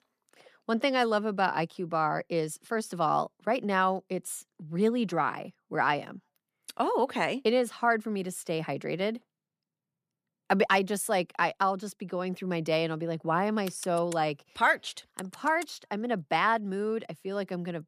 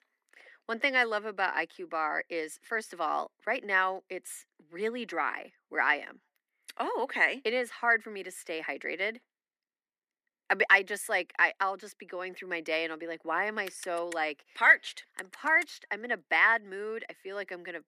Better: first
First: none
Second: thin; somewhat; fading below 250 Hz

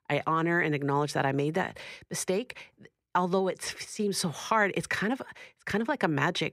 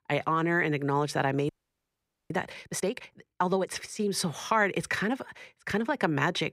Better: first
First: none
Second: audio freezing; at 1.5 s for 1 s

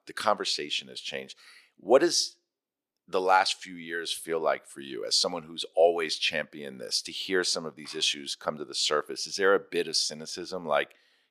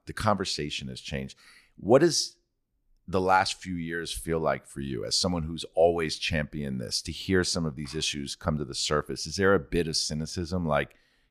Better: second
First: thin; somewhat; fading below 450 Hz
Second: none

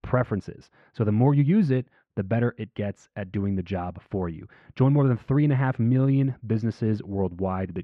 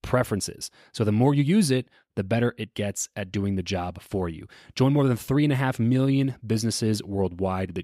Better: second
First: muffled; very; fading above 1.5 kHz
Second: none

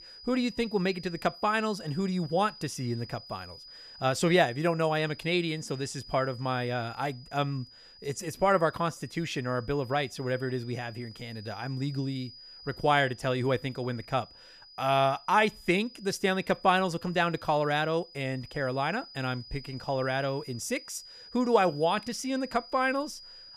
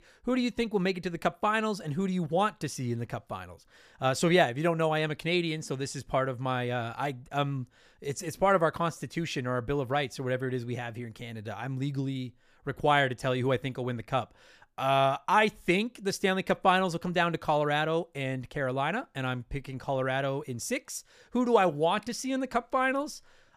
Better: second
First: high-pitched whine; noticeable; throughout; 5 kHz, 20 dB below the speech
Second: none

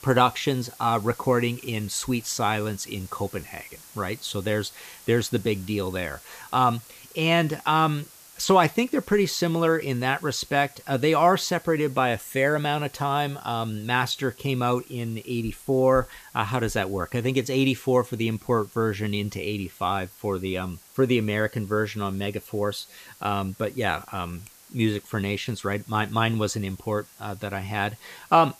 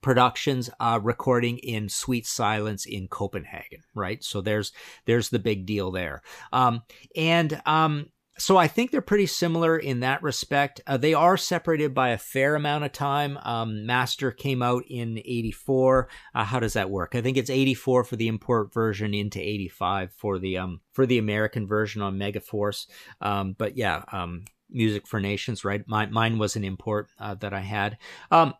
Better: second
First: hiss; faint; throughout; 20 dB below the speech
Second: none

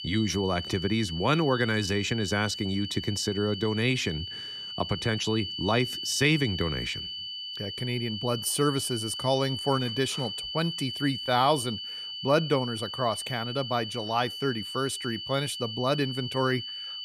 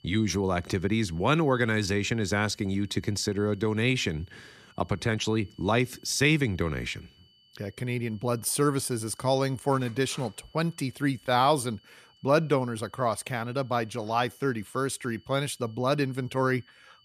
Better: second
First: high-pitched whine; loud; throughout; 3 kHz, 6 dB below the speech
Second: high-pitched whine; faint; throughout; 3 kHz, 30 dB below the speech

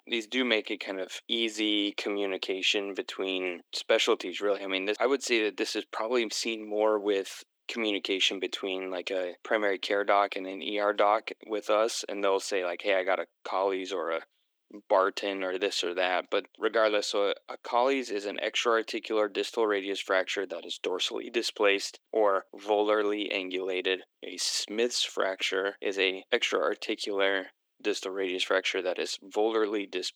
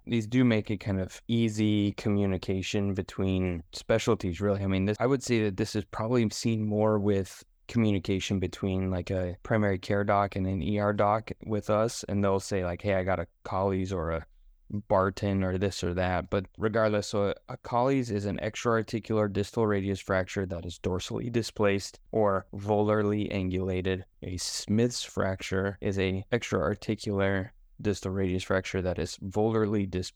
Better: second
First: thin; somewhat; fading below 300 Hz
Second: none

